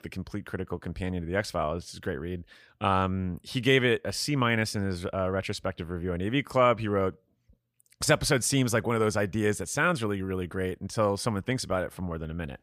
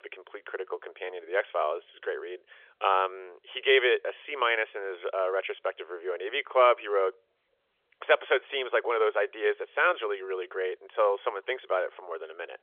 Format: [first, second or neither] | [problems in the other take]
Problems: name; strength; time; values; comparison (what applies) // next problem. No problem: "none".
first | phone-call audio; nothing above 3.5 kHz